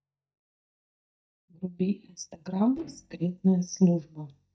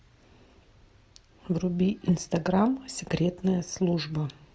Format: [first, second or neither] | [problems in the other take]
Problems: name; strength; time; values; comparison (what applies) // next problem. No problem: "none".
second | noise reduction (neural mask model DeepFilterNet 3)